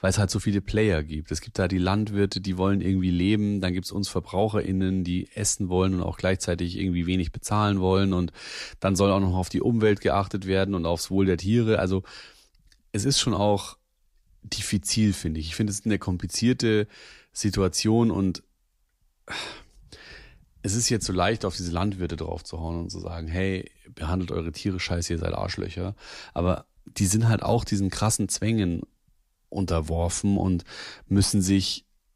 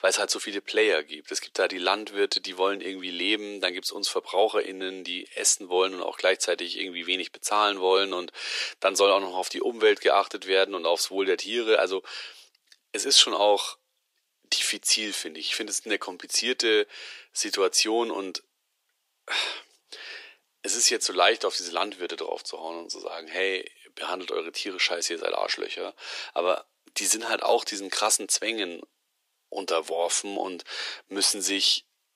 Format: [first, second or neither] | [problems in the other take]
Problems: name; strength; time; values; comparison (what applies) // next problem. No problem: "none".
first | thin; very; fading below 400 Hz